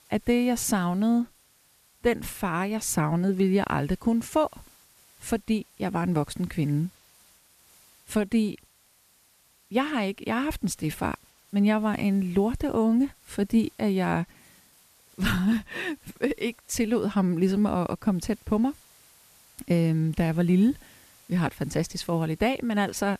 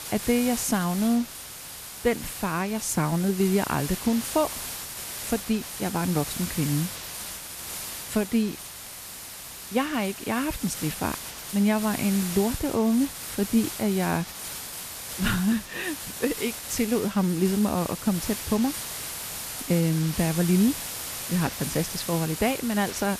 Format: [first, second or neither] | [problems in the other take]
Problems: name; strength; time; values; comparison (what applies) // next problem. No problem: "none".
first | hiss; loud; throughout; 7 dB below the speech; faint in the first